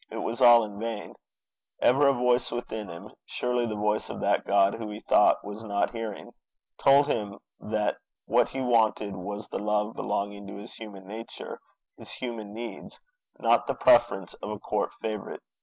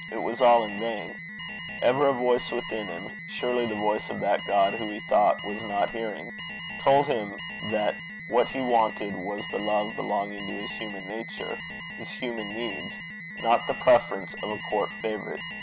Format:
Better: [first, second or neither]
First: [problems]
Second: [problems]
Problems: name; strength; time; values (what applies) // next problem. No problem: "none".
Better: first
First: none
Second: background sound (Alarm); 10 dB below the speech